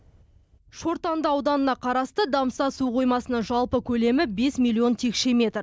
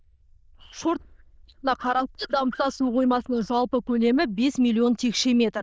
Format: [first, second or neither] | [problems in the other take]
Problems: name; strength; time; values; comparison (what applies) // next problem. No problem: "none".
first | noise reduction (neural diffusion model UNIVERSE++)